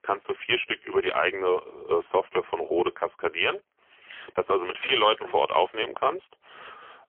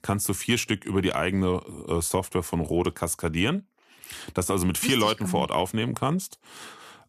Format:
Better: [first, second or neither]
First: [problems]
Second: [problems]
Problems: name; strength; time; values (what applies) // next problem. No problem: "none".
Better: second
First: phone-call audio; poor line; nothing above 3 kHz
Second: none